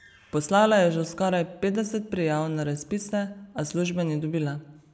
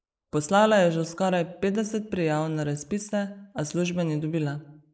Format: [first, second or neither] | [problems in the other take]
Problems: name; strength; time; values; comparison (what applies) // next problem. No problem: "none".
first | noise reduction (neural mask model Resemble Enhance denoiser)